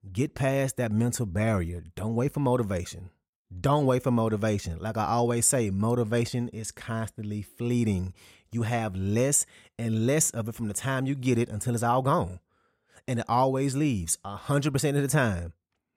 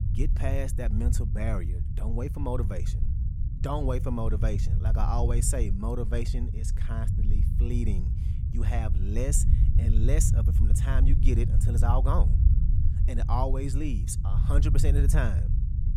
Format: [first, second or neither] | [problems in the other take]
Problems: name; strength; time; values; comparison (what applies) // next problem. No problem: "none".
first | low rumble; loud; throughout; 8 dB below the speech